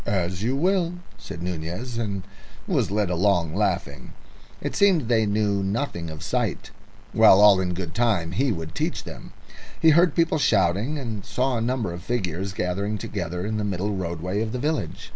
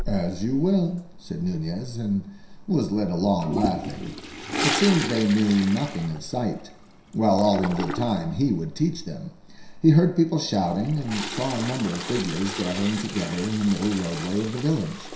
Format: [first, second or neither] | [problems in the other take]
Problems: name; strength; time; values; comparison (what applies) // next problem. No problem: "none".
first | background sound (Toilet flush); 10 dB below the speech // room echo; dies away in 0.7 s